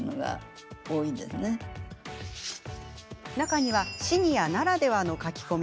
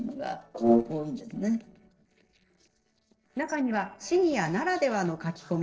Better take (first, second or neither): first